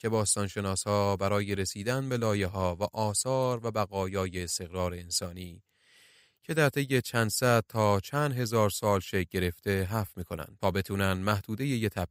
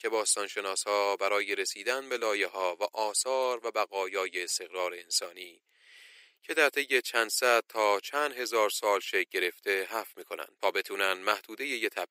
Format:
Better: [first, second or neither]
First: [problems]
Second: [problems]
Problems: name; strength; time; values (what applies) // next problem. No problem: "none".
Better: first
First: none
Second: thin; very; fading below 350 Hz